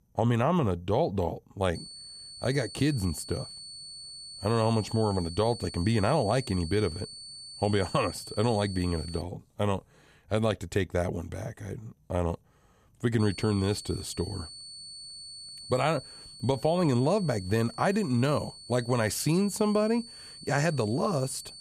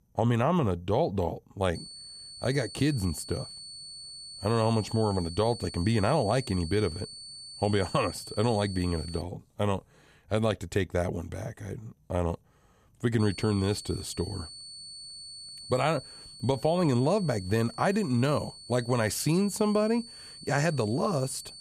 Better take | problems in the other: neither | high-pitched whine; noticeable; from 2 to 9 s and from 13 s on; 4.5 kHz, 15 dB below the speech; the same in both

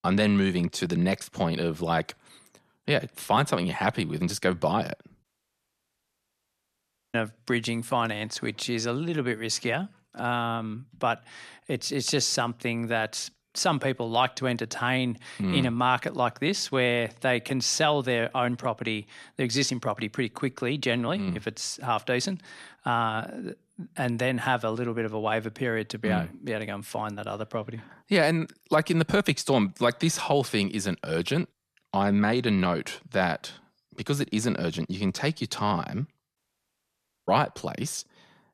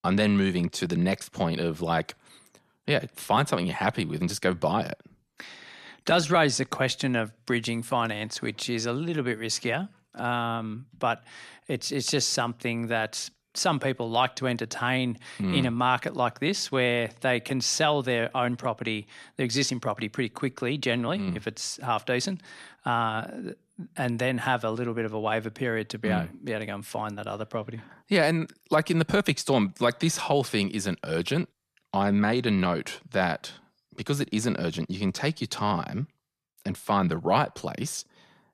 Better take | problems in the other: second | audio cutting out; at 5 s for 2 s and at 36 s for 1 s

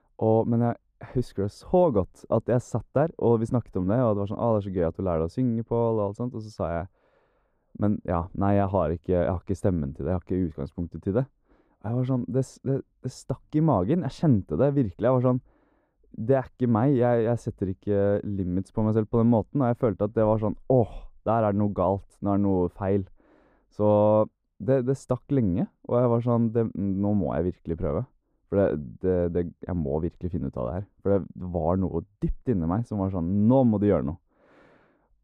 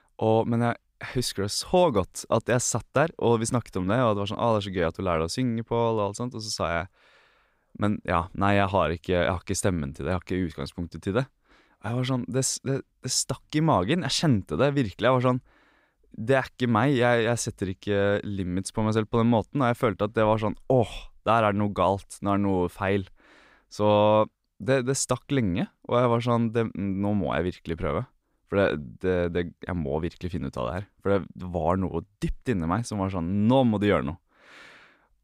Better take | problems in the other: second | muffled; very; fading above 1.5 kHz

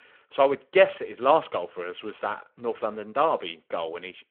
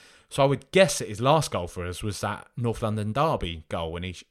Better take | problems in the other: second | phone-call audio

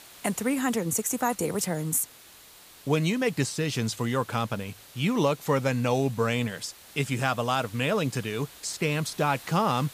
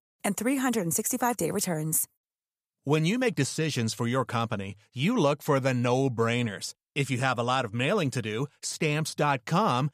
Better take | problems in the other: second | hiss; noticeable; throughout; 20 dB below the speech

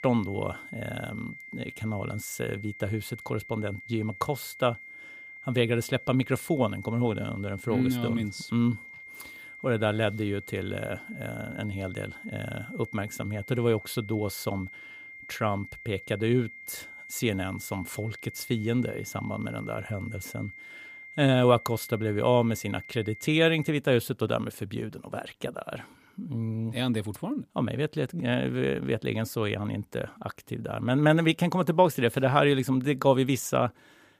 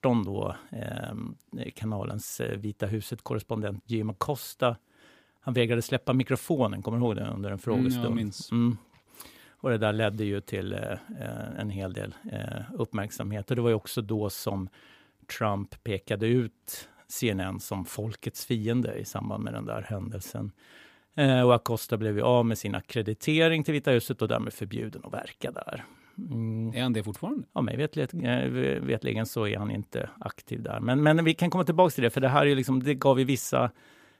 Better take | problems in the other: second | high-pitched whine; noticeable; until 24 s; 2 kHz, 15 dB below the speech

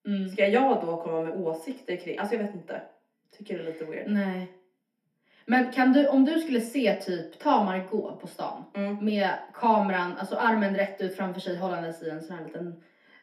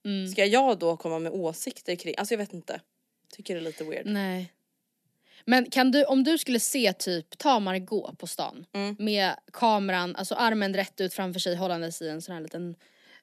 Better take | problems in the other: second | room echo; slight; dies away in 0.5 s // off-mic speech; far

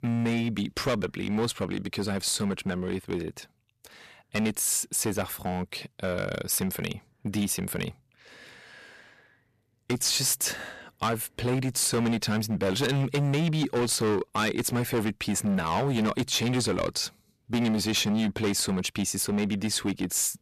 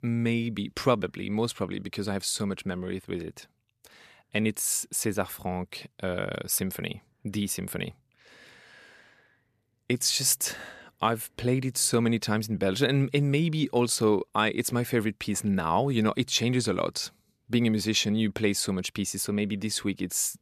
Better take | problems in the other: second | distortion; heavy; 13% of the sound clipped

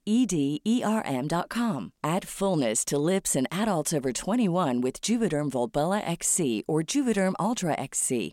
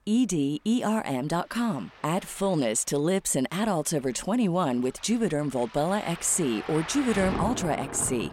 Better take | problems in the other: first | rain or running water; noticeable; throughout; 10 dB below the speech

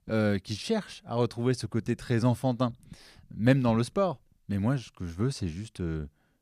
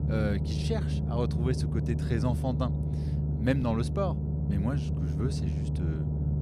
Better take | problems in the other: first | low rumble; loud; throughout; 5 dB below the speech

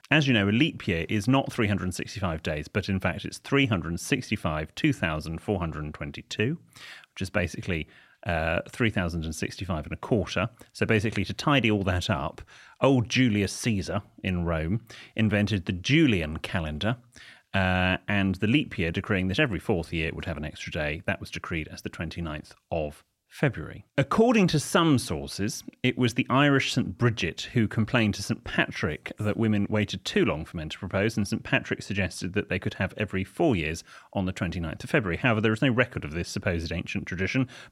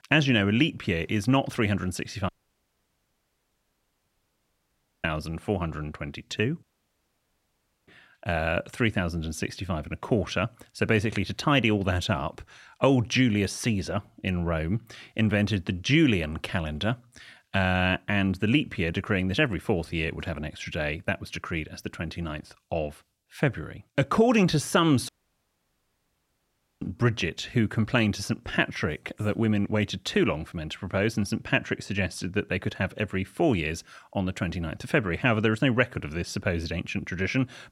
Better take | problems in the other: first | audio cutting out; at 2.5 s for 3 s, at 6.5 s for 1 s and at 25 s for 1.5 s

